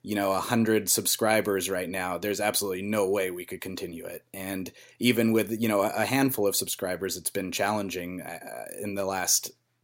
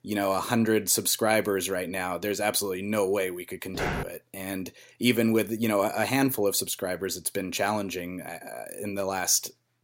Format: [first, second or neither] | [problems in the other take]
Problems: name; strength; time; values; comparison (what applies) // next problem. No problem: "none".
first | footsteps; noticeable; at 3.5 s; peak 5 dB below the speech